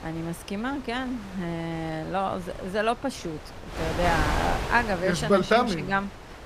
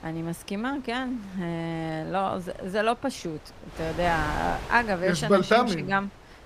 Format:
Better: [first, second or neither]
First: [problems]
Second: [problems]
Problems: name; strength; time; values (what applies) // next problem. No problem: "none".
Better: second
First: wind noise on the microphone; heavy; 9 dB below the speech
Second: wind noise on the microphone; occasional gusts; 15 dB below the speech